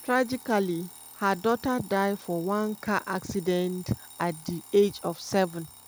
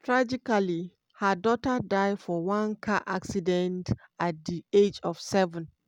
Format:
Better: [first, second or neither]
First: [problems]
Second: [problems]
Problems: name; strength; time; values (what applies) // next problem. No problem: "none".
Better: second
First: background sound (Alarm); 19 dB below the speech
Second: none